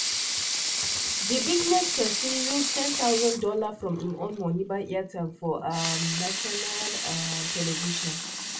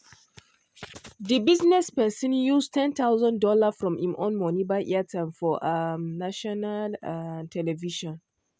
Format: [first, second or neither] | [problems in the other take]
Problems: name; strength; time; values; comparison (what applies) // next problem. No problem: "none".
second | background sound (Sink (filling or washing) / Water tap, faucet / Liquid); as loud as the speech // room echo; dies away in 0.2 s